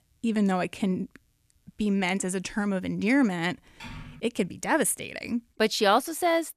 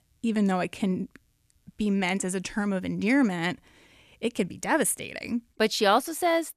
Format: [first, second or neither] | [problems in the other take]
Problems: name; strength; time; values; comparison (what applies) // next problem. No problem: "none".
second | keyboard typing; faint; at 3.5 s; peak 15 dB below the speech